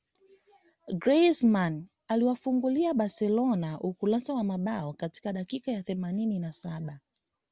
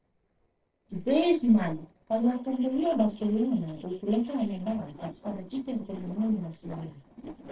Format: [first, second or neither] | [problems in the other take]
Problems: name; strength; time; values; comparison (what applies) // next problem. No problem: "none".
first | noise reduction (neural separator model SepFormer DNS4)